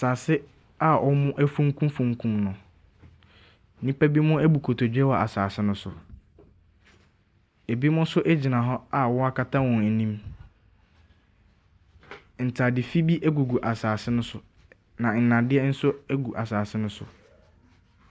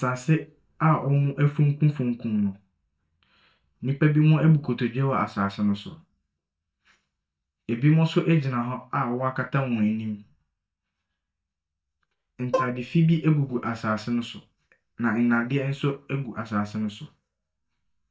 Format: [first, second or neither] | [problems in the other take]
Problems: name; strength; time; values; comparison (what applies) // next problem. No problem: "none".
first | noise reduction (neural mask model DeepFilterNet 3)